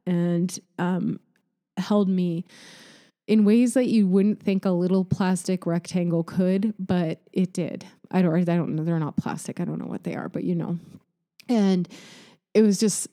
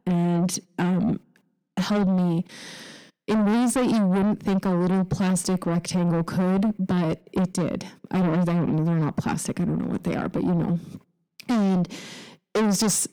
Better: first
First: none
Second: distortion; heavy; 6 dB below the speech

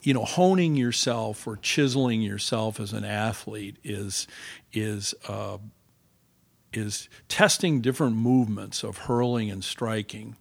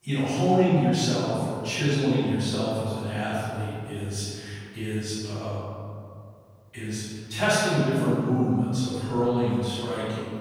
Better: first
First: none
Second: off-mic speech; far // room echo; strong; dies away in 2.2 s

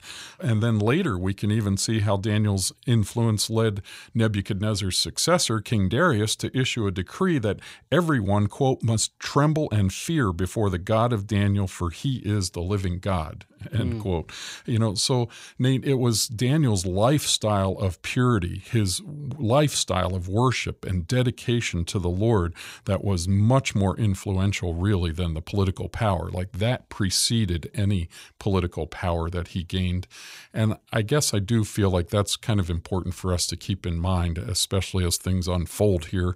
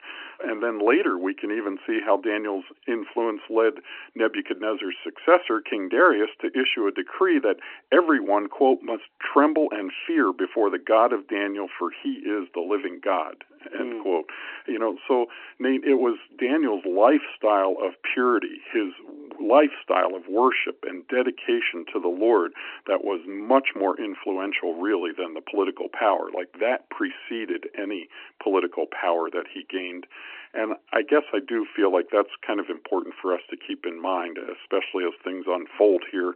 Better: first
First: none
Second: phone-call audio; nothing above 3 kHz

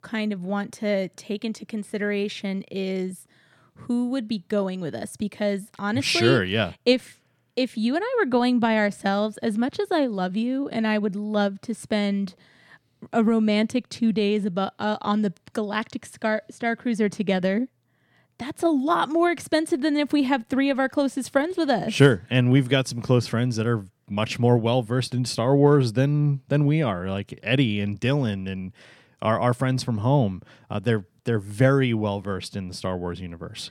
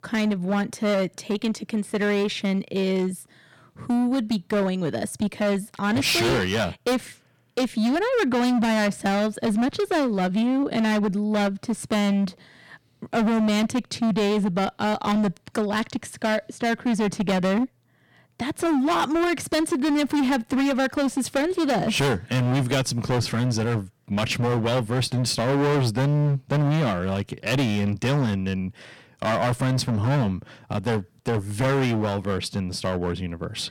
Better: first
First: none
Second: distortion; heavy; 22% of the sound clipped

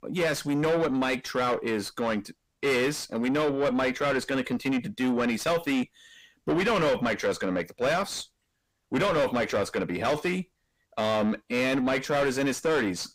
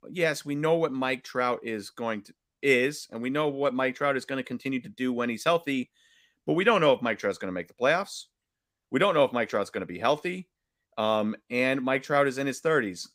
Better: second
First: distortion; heavy; 6 dB below the speech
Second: none

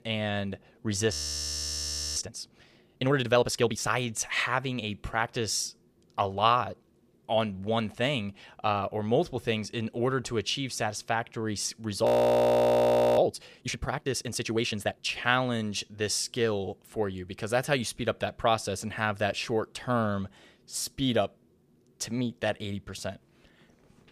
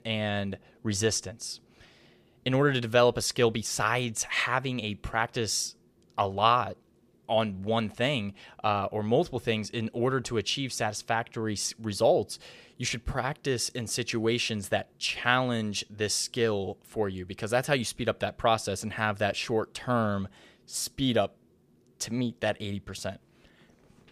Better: second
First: audio freezing; at 1 s for 1 s and at 12 s for 1 s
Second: none

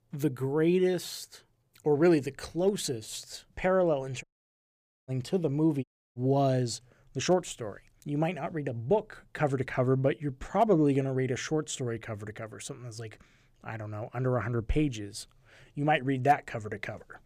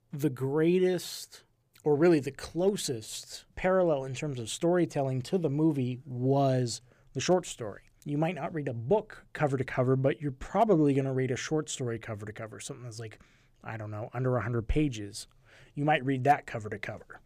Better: second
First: audio cutting out; at 4 s for 1 s and at 6 s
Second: none

